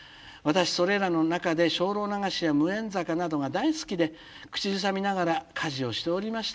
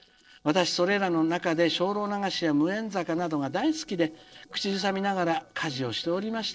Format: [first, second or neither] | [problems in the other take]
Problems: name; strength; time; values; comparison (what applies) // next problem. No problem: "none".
first | noise reduction (neural separator model SepFormer DNS4)